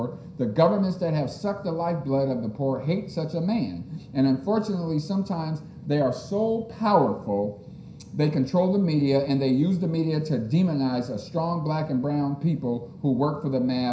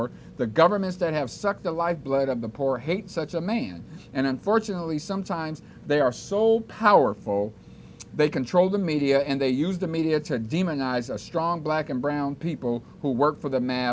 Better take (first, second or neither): second